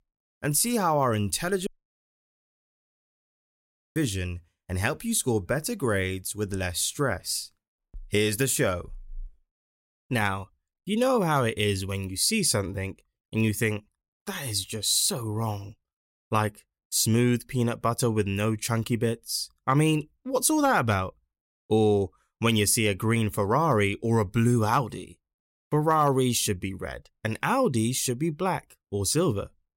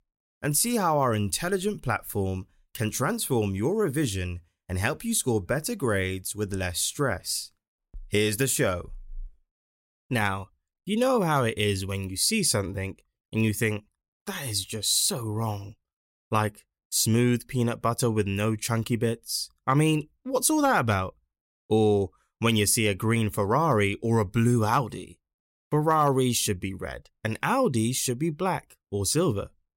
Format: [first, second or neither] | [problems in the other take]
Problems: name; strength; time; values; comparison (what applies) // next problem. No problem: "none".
second | audio cutting out; at 1.5 s for 2.5 s